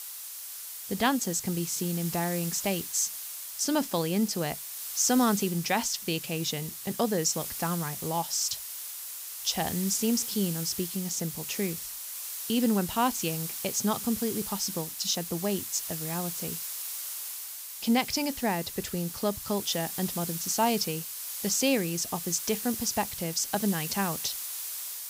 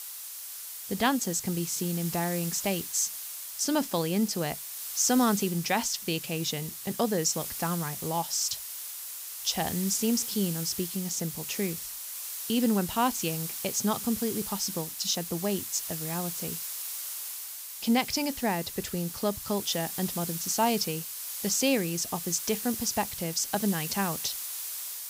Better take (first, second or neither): neither